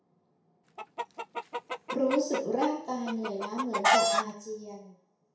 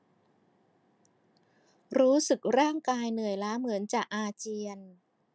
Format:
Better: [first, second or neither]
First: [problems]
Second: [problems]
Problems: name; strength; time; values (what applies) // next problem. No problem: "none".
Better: second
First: background sound (Chicken, rooster); 2 dB above the speech // room echo; dies away in 0.5 s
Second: none